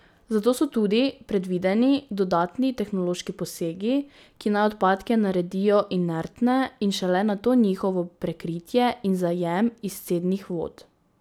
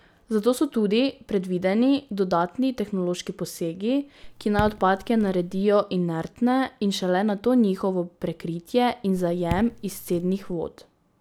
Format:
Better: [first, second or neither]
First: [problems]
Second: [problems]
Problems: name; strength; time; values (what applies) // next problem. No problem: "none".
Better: first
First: none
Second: background sound (Raindrop / Drip); 12 dB below the speech